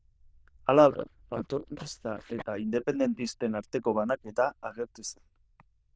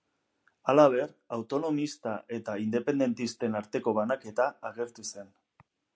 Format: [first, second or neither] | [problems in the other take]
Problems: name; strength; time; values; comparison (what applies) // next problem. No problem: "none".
second | noise reduction (neural diffusion model UNIVERSE++)